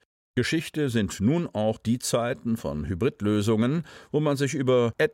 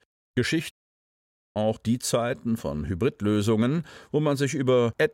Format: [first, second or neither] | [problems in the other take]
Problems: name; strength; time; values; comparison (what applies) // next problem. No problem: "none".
first | audio cutting out; at 0.5 s for 1 s